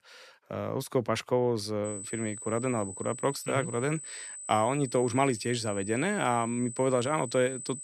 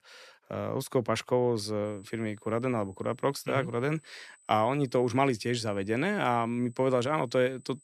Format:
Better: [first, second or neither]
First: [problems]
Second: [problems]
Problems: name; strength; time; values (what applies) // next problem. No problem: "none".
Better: second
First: high-pitched whine; loud; from 2 s on; 8 kHz, 10 dB below the speech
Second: high-pitched whine; faint; from 2 s on; 8 kHz, 30 dB below the speech